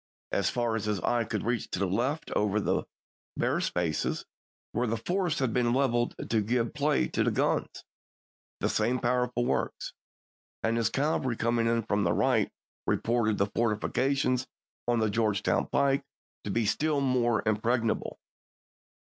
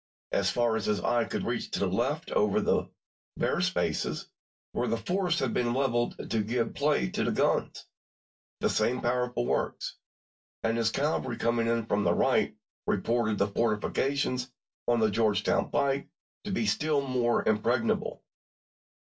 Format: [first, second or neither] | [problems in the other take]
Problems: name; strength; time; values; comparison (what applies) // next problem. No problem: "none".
first | room echo; dies away in 0.1 s